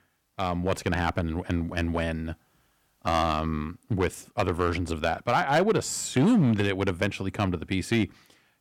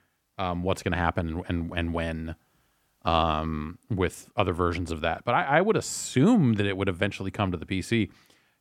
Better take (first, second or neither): second